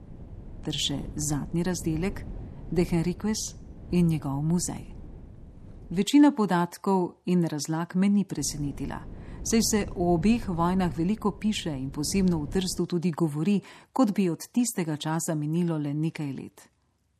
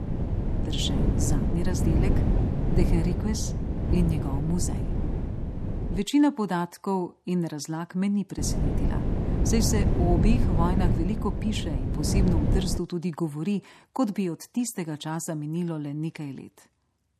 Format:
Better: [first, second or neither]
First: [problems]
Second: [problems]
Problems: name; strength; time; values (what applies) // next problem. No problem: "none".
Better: first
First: wind noise on the microphone; occasional gusts; until 6 s and from 8.5 to 13 s; 20 dB below the speech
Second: wind noise on the microphone; heavy; until 6 s and from 8.5 to 13 s; 3 dB below the speech